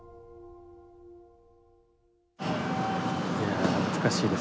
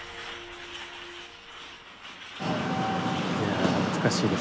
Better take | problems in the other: first | background sound (Truck); 12 dB below the speech

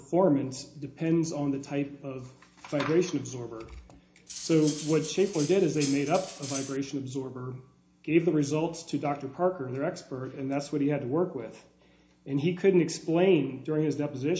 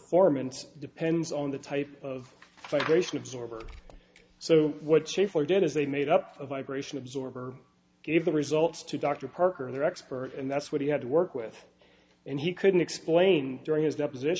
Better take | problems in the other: second | background sound (Cutlery, silverware); 12 dB below the speech // room echo; dies away in 0.4 s

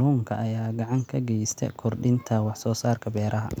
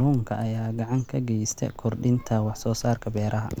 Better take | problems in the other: first | background sound (Tearing / Wood); 17 dB below the speech

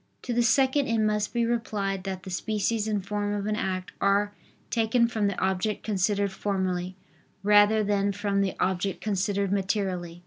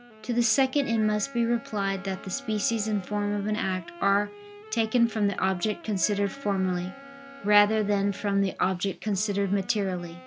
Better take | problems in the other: first | background sound (Wind instrument, woodwind instrument + Wind instrument, woodwind instrument); 18 dB below the speech

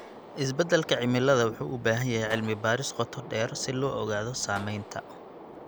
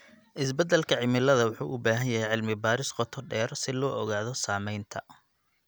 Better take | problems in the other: second | background sound (Gunshot, gunfire); 15 dB below the speech

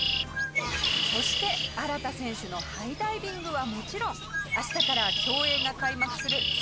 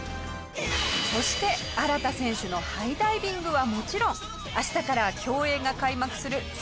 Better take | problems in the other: second | background sound (Bird); 3 dB above the speech

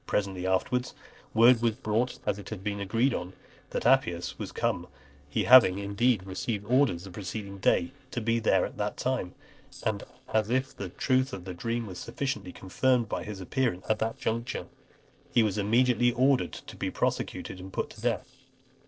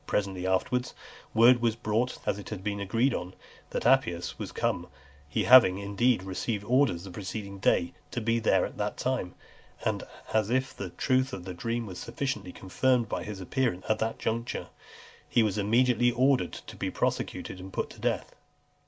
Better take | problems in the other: second | noise reduction (neural separator model SepFormer DNS4)

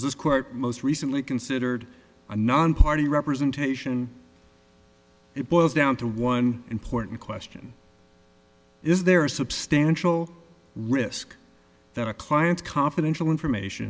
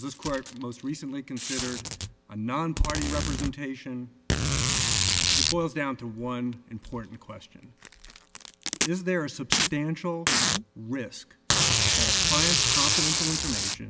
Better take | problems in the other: first | background sound (Packing tape, duct tape); 4 dB above the speech

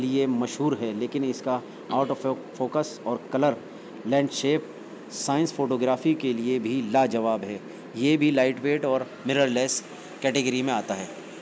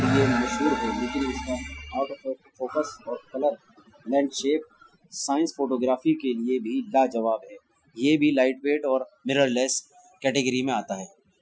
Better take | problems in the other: first | noise reduction (classical method Wiener filter)

